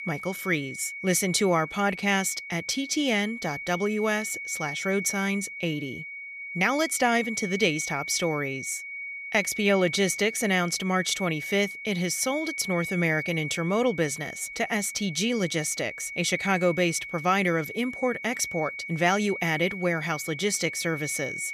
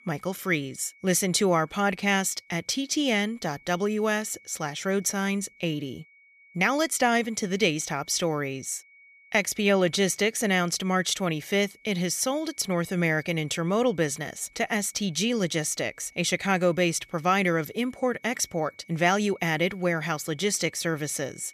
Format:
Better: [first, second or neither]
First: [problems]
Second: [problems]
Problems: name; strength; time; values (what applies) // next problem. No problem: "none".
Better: second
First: high-pitched whine; loud; throughout; 2 kHz, 8 dB below the speech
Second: high-pitched whine; faint; throughout; 2 kHz, 25 dB below the speech